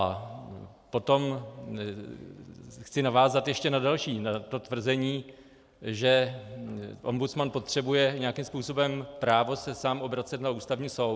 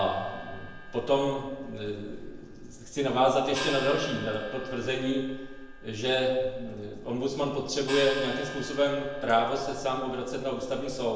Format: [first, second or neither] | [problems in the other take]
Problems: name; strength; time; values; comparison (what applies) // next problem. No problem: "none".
first | background sound (Gong); 11 dB below the speech // room echo; dies away in 0.9 s